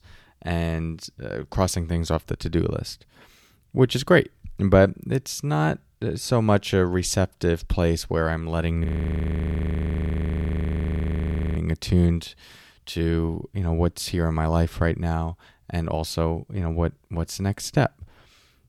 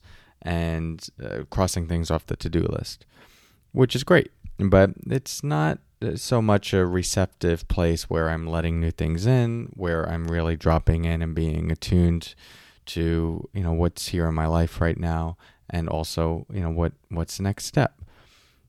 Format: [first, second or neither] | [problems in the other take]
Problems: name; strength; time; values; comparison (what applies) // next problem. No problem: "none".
second | audio freezing; at 9 s for 2.5 s